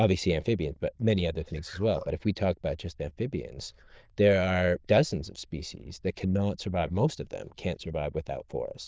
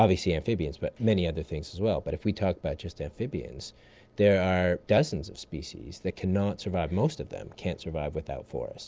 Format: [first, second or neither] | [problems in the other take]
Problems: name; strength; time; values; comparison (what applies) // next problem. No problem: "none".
second | noise reduction (neural diffusion model UNIVERSE++)